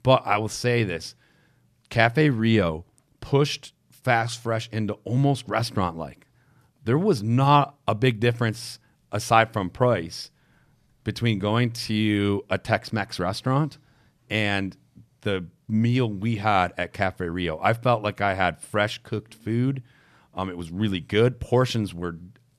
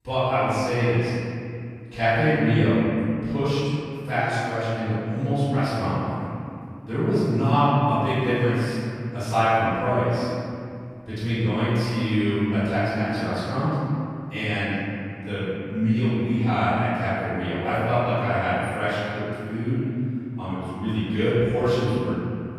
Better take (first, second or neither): first